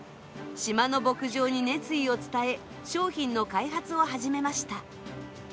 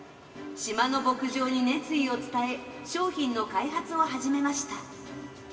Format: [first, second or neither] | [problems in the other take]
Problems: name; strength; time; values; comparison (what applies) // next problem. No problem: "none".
first | room echo; dies away in 2.3 s